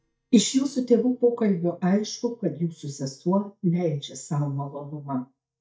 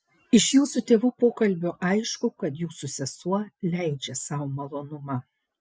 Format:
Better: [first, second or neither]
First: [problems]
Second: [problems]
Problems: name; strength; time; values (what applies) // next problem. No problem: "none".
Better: second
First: noise reduction (neural mask model DeepFilterNet 3)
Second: none